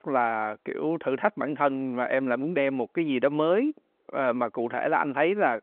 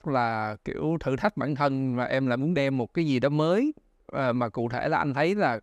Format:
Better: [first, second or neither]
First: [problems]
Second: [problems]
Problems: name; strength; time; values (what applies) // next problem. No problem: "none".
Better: second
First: phone-call audio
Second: none